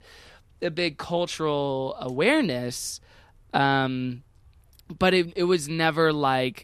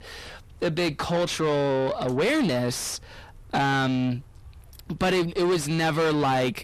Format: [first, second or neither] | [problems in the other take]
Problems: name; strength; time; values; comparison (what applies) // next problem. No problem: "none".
first | distortion; heavy; 5 dB below the speech